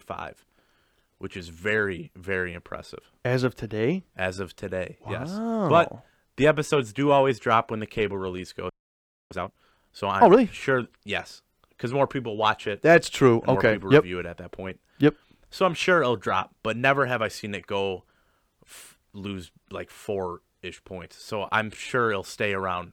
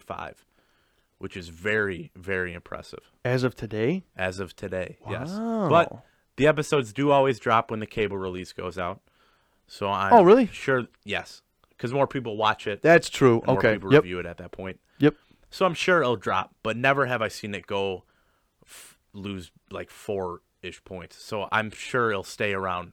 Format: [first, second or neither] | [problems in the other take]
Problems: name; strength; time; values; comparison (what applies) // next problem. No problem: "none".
second | audio freezing; at 8.5 s for 0.5 s